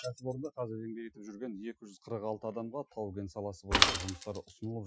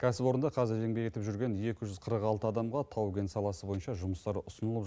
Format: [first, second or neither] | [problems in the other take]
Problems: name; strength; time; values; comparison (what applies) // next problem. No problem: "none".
second | noise reduction (classical method Wiener filter)